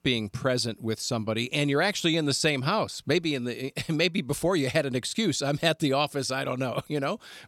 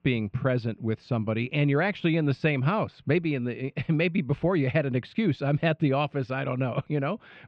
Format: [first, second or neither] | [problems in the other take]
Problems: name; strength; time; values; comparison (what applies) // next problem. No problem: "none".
first | muffled; very; fading above 2.5 kHz